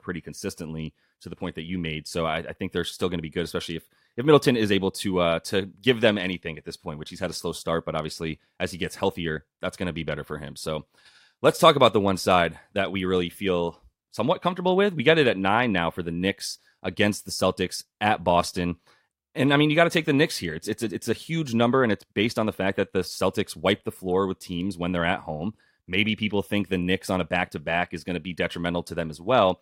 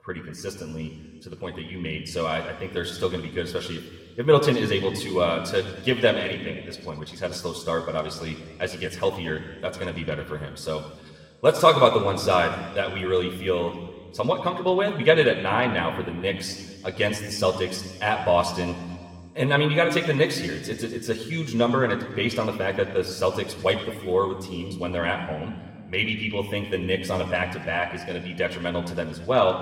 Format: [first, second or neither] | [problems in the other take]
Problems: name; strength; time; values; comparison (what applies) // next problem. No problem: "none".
first | room echo; slight; dies away in 1.8 s